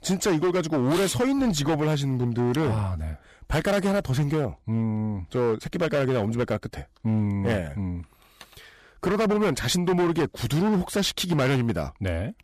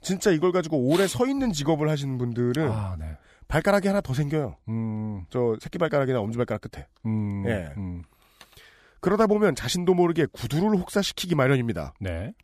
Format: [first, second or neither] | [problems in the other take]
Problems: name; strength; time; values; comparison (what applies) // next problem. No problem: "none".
second | distortion; heavy; 14% of the sound clipped